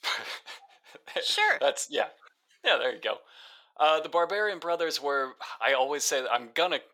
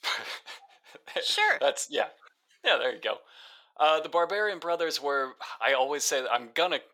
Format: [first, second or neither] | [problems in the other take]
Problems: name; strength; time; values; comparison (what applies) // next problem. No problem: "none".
neither | thin; very; fading below 750 Hz; the same in both